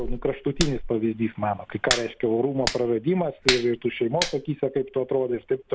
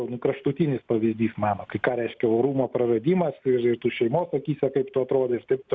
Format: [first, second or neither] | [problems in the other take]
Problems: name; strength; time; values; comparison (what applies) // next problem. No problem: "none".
second | background sound (Hands); 7 dB below the speech